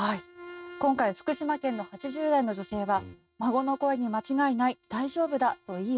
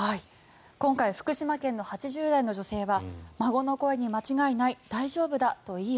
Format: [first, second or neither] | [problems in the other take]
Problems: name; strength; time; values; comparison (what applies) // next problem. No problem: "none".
second | noise reduction (neural mask model RNNoise)